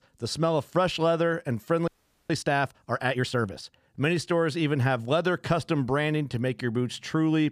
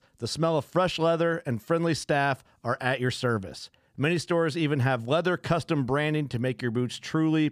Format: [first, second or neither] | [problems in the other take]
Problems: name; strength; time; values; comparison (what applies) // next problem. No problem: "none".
second | audio freezing; at 2 s